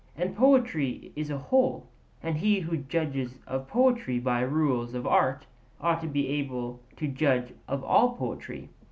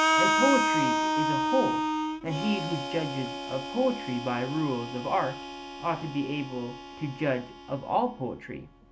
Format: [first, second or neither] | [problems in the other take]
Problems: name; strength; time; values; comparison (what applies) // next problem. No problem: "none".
first | background sound (Harmonica); as loud as the speech